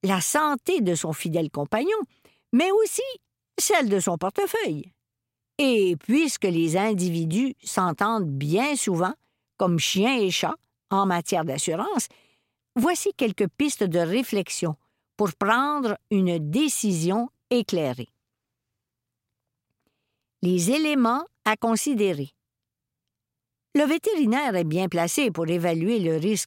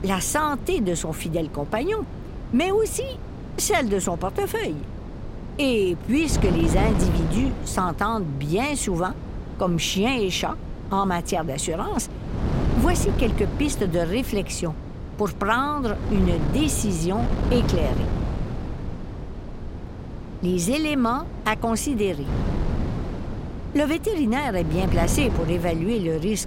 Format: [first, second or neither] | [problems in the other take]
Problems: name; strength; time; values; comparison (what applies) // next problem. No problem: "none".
first | wind noise on the microphone; occasional gusts; 10 dB below the speech